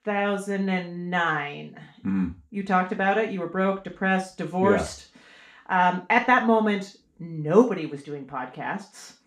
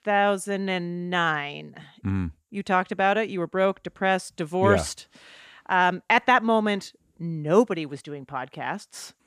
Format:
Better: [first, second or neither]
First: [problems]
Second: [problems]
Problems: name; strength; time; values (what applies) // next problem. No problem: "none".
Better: second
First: room echo; slight; dies away in 0.3 s // off-mic speech; far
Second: none